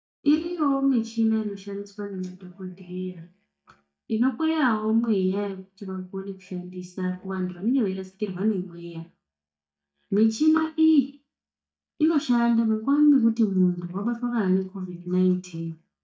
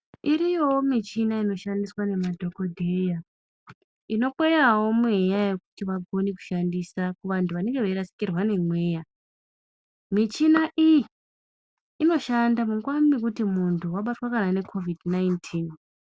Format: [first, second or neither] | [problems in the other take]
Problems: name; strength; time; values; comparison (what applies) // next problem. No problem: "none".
second | noise reduction (neural mask model DeepFilterNet 3)